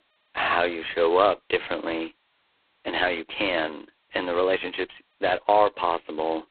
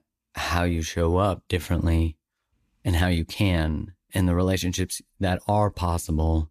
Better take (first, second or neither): second